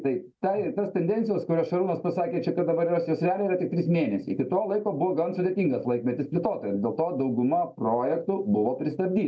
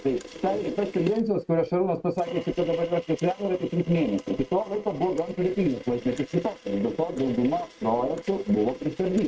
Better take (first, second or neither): first